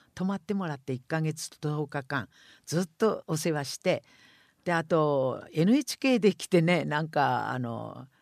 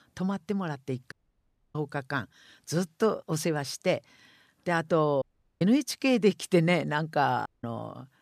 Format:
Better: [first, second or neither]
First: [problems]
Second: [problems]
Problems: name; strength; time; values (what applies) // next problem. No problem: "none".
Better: first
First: none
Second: audio cutting out; at 1 s for 0.5 s, at 5 s and at 7.5 s